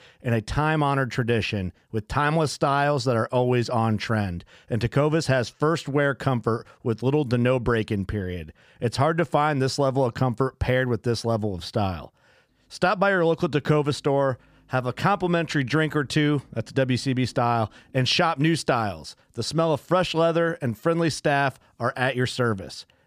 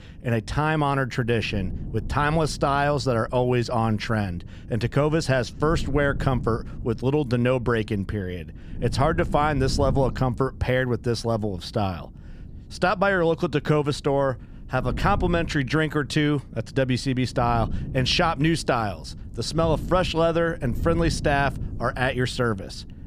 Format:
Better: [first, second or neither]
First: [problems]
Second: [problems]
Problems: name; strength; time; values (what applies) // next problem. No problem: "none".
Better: first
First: none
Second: wind noise on the microphone; occasional gusts; 20 dB below the speech